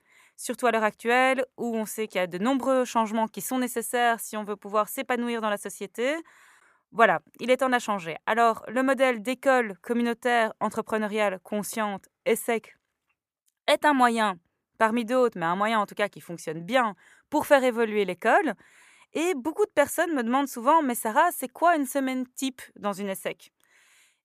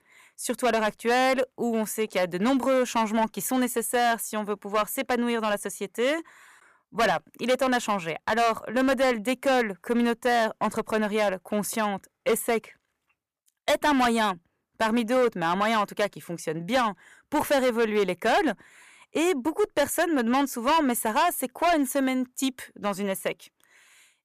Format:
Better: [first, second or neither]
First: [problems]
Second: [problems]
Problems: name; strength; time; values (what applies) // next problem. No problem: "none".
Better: first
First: none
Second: distortion; heavy; 8% of the sound clipped